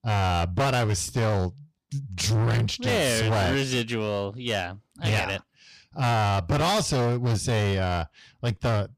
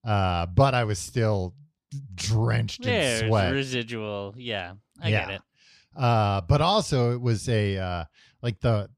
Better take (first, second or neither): second